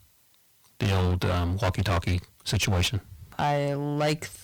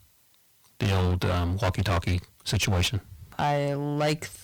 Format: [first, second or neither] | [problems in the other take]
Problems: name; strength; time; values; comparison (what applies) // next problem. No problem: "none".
neither | distortion; heavy; 18% of the sound clipped; the same in both